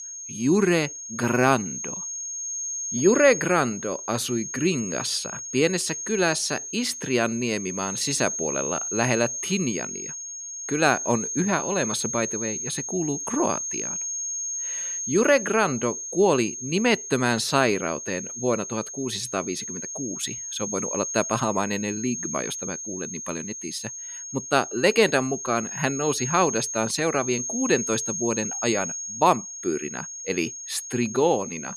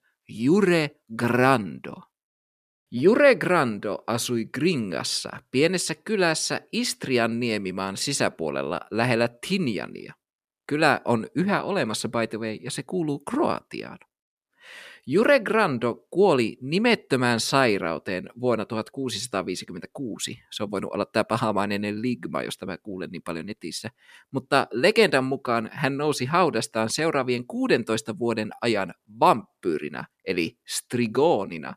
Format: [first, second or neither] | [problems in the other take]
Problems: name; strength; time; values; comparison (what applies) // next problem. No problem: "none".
second | high-pitched whine; loud; throughout; 6.5 kHz, 5 dB below the speech